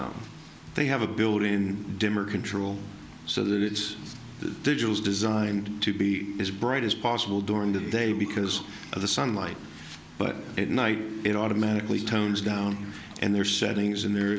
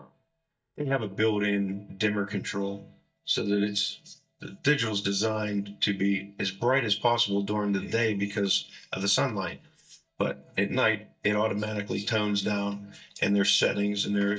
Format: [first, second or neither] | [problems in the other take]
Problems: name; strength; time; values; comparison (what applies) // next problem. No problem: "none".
first | noise reduction (neural mask model DeepFilterNet 3)